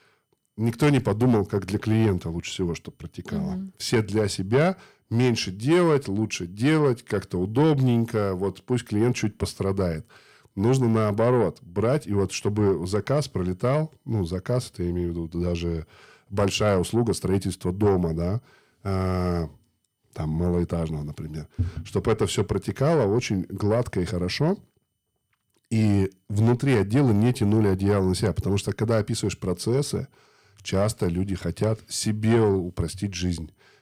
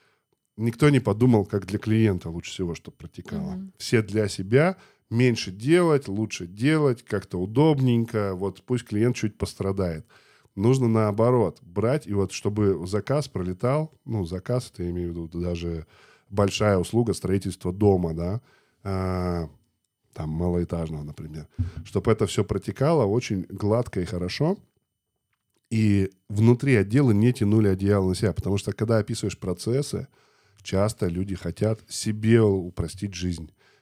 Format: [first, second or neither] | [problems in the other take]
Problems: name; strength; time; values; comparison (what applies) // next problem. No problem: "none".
second | distortion; slight; 10 dB below the speech